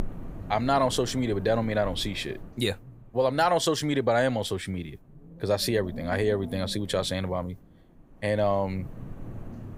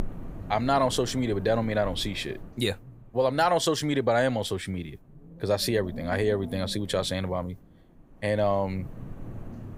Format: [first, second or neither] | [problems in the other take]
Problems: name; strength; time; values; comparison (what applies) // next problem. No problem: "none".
neither | wind noise on the microphone; occasional gusts; 20 dB below the speech; the same in both